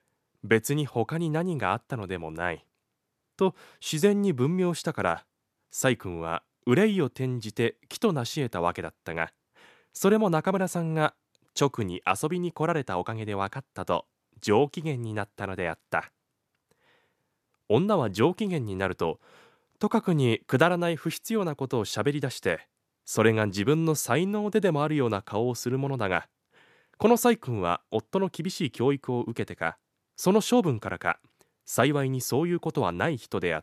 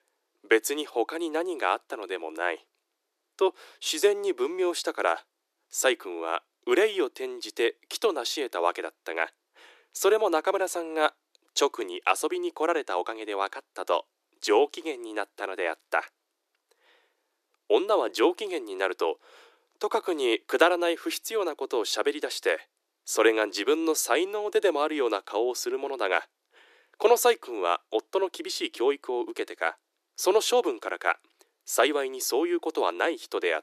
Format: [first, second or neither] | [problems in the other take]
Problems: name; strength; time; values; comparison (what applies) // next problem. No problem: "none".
first | thin; very; fading below 300 Hz